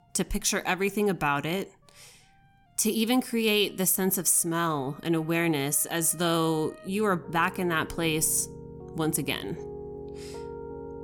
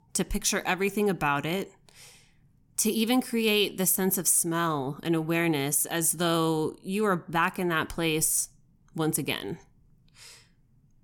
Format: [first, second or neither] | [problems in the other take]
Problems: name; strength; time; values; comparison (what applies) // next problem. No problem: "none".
second | background music; noticeable; throughout; 15 dB below the speech